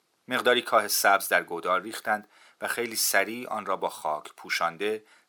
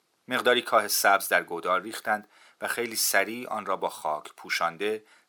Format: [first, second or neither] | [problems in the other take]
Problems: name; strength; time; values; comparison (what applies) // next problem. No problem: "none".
neither | thin; very; fading below 550 Hz; the same in both